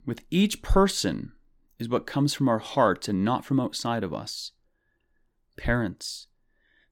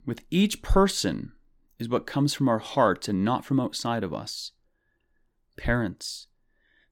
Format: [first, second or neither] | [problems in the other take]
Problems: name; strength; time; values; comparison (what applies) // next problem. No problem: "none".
neither | none